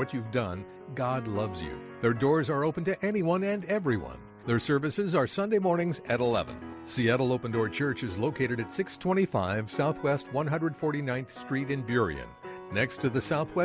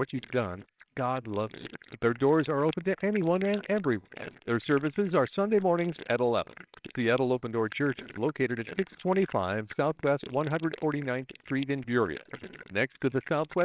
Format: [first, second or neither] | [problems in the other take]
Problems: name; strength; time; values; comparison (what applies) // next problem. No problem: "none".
first | noise reduction (neural separator model SepFormer WHAMR!)